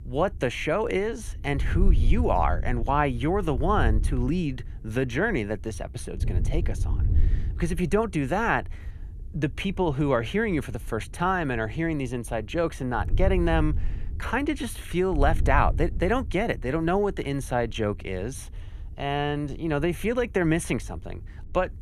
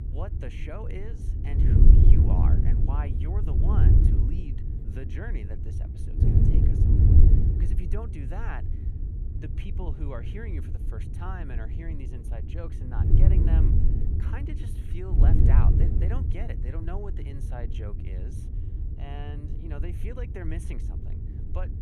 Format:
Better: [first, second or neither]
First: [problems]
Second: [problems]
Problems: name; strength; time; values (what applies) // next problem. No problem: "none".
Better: first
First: wind noise on the microphone; occasional gusts; 20 dB below the speech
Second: wind noise on the microphone; heavy; 2 dB above the speech